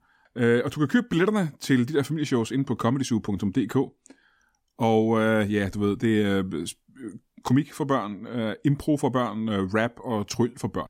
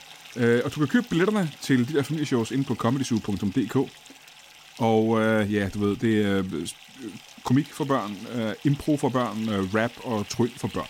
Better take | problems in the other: first | household noises; noticeable; throughout; 20 dB below the speech

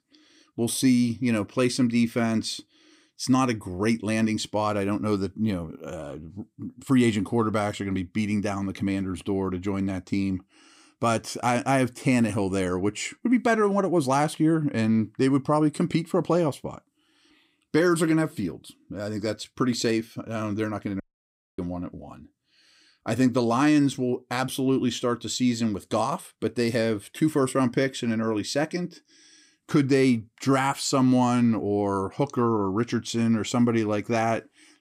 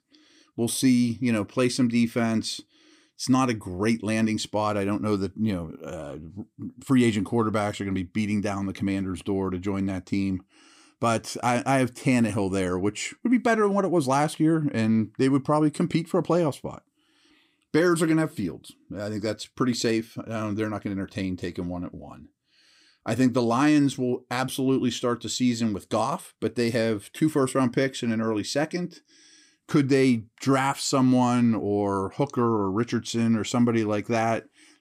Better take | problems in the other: second | audio cutting out; at 21 s for 0.5 s

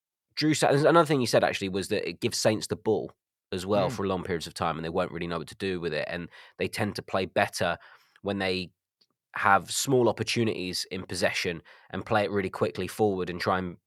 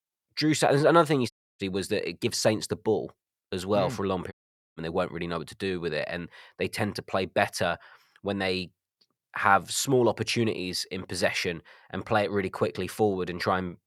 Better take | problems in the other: first | audio cutting out; at 1.5 s and at 4.5 s

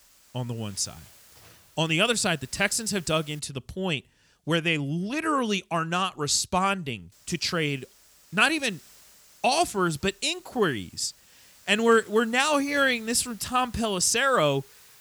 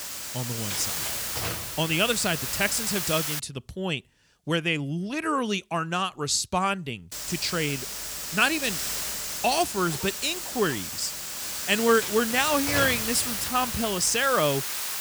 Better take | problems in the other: first | hiss; loud; until 3.5 s and from 7 s on; 3 dB below the speech; faint in the first

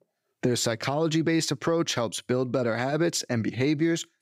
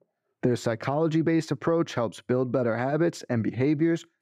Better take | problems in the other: first | muffled; slightly; fading above 2.5 kHz

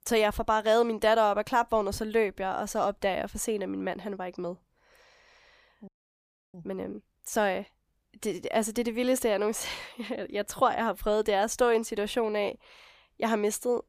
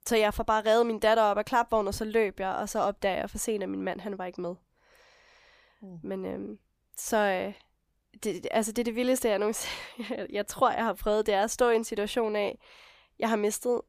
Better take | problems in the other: second | audio freezing; at 6 s for 0.5 s

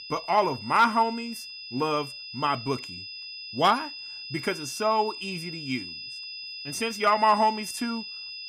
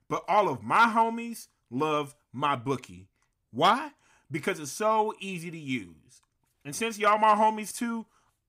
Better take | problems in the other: second | high-pitched whine; noticeable; throughout; 5 kHz, 10 dB below the speech

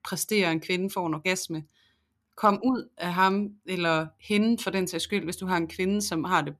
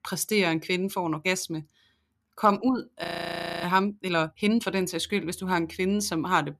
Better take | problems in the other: first | audio freezing; at 3 s for 0.5 s

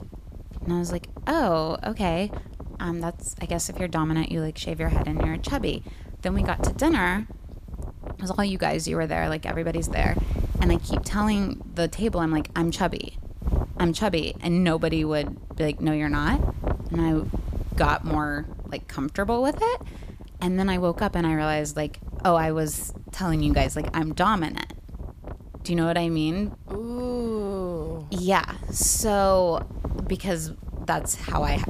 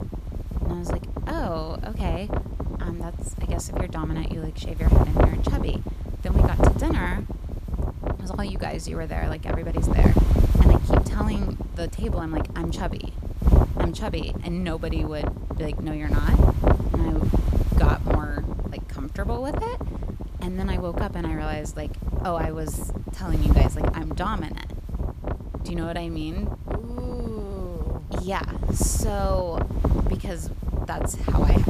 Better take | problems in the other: first | wind noise on the microphone; heavy; as loud as the speech; occasional gusts in the first

